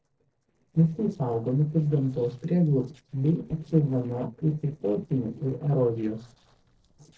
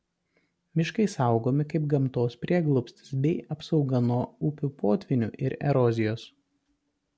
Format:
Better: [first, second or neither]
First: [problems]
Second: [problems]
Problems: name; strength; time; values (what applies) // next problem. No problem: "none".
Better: second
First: noise reduction (neural separator model SepFormer DNS4)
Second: none